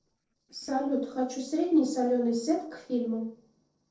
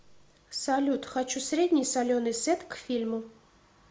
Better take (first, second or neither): second